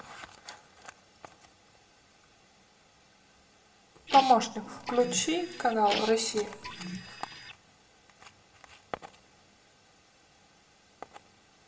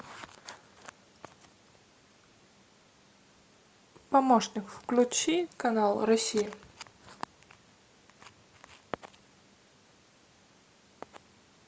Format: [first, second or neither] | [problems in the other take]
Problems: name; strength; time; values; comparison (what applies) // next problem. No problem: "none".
second | background sound (Printer); 7 dB below the speech // room echo; dies away in 0.5 s